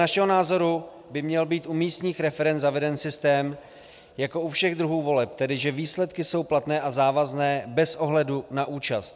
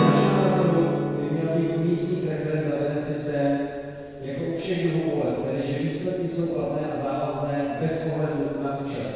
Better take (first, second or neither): first